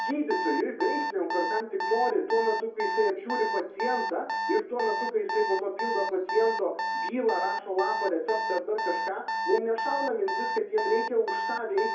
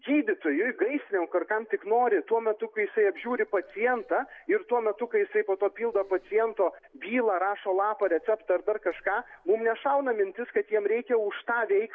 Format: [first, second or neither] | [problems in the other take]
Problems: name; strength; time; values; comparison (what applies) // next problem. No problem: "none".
second | background sound (Alarm); 3 dB below the speech // room echo; dies away in 0.6 s